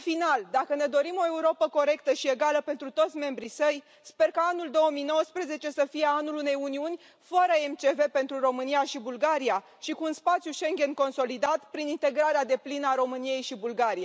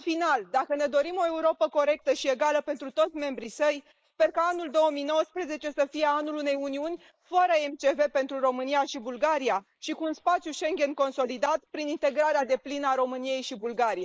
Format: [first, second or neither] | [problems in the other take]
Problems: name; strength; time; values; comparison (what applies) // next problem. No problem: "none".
first | noise reduction (neural mask model Resemble Enhance denoiser)